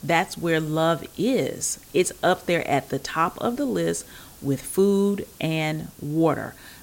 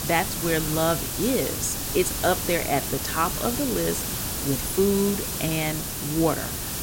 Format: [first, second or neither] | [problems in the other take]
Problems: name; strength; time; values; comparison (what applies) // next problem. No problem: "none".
first | hiss; loud; throughout; 1 dB below the speech; faint in the first